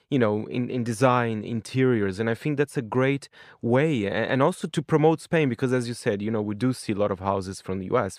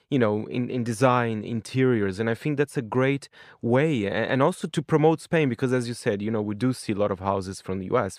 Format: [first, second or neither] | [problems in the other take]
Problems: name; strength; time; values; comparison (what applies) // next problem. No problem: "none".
neither | none